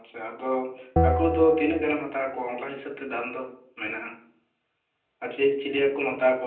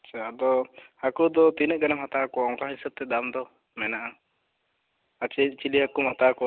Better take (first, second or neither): second